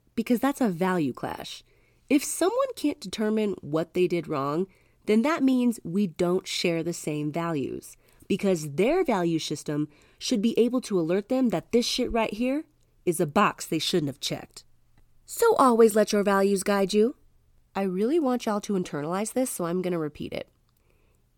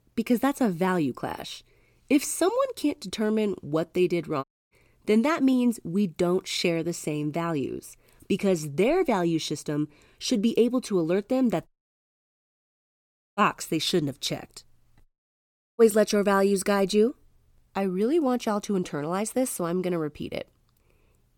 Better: first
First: none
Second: audio cutting out; at 4.5 s, at 12 s for 1.5 s and at 15 s for 0.5 s

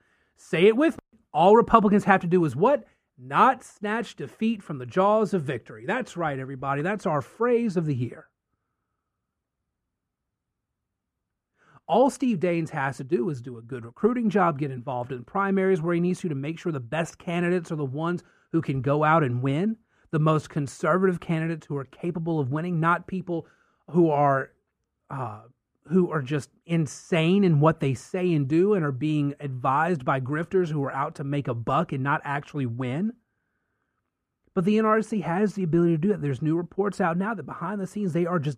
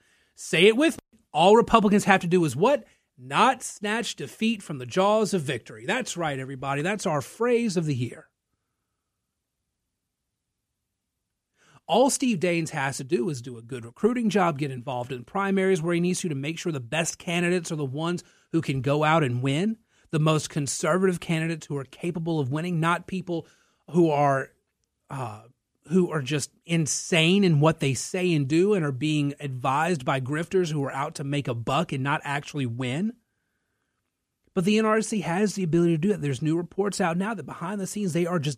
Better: second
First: muffled; slightly; fading above 2.5 kHz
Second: none

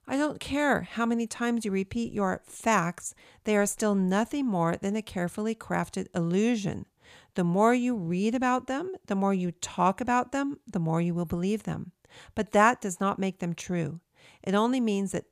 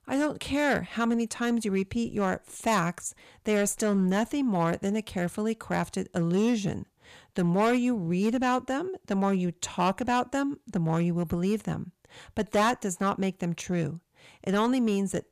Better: first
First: none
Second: distortion; slight; 4% of the sound clipped

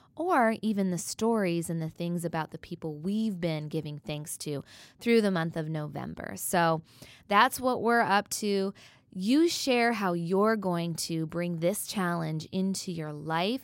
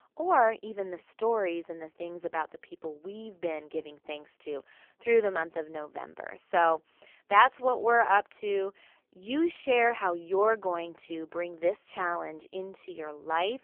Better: first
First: none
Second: phone-call audio; poor line; nothing above 3 kHz

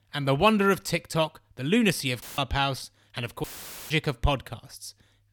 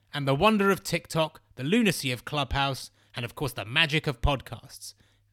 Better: second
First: audio cutting out; filled with static; at 2 s and at 3.5 s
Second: none

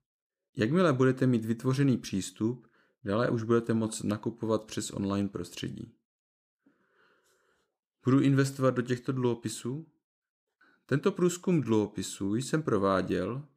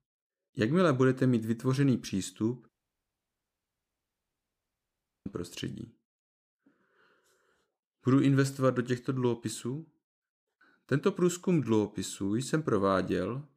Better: first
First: none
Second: audio cutting out; at 2.5 s for 2.5 s

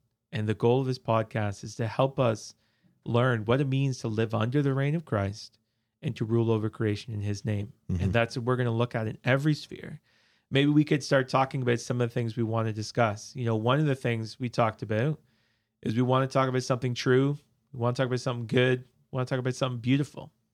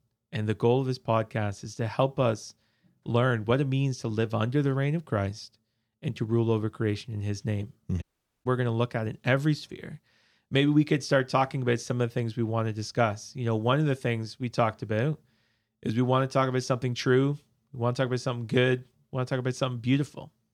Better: first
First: none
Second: audio cutting out; at 8 s

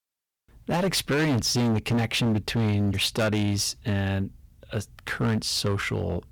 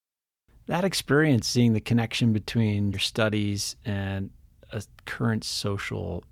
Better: second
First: distortion; heavy; 15% of the sound clipped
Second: none

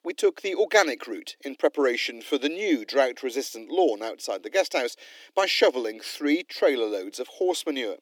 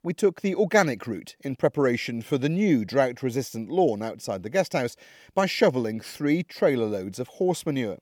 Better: second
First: thin; very slightly; fading below 300 Hz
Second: none

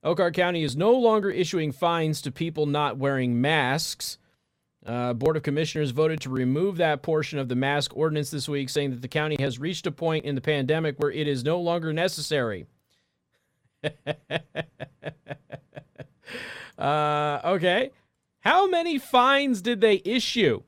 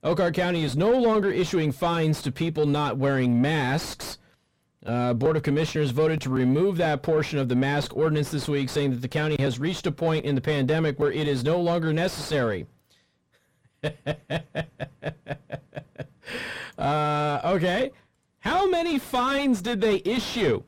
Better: first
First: none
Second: distortion; heavy; 6 dB below the speech

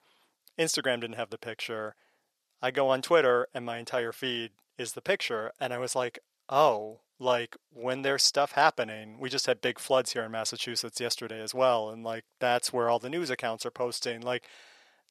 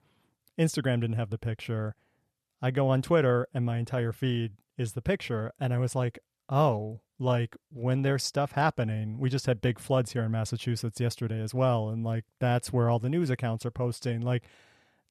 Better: second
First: thin; very; fading below 500 Hz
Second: none

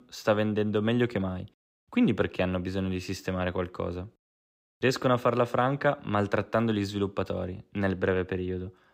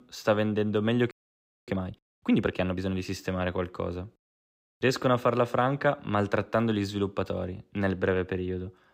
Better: first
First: none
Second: audio freezing; at 1 s for 0.5 s

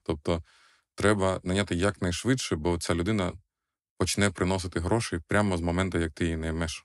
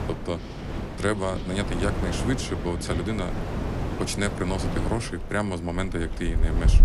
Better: first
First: none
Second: wind in the background; loud; throughout; 2 dB below the speech

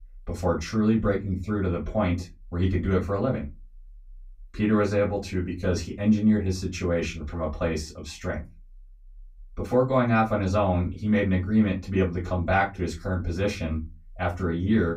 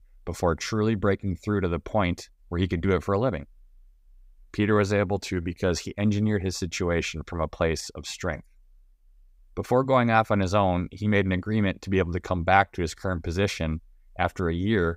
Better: second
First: off-mic speech; far // room echo; very slight; dies away in 0.2 s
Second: none

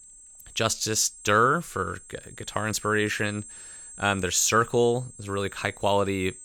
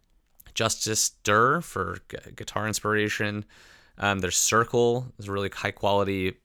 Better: second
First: high-pitched whine; noticeable; throughout; 8 kHz, 20 dB below the speech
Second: none

